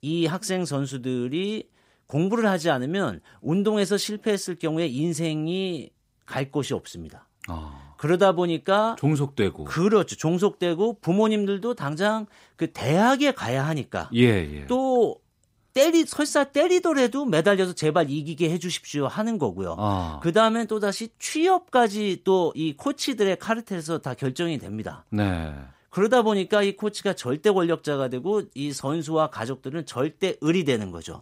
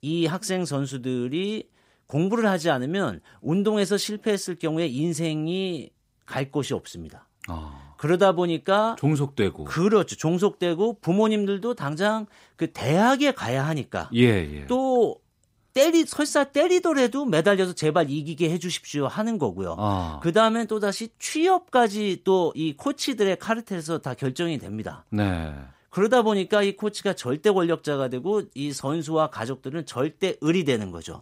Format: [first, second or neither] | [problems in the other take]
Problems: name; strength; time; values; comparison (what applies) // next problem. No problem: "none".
neither | none